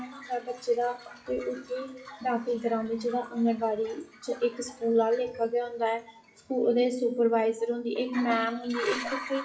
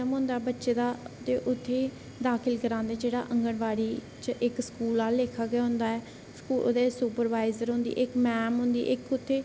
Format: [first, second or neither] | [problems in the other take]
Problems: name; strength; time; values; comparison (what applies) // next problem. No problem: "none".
second | noise reduction (classical method WPE with log-MMSE)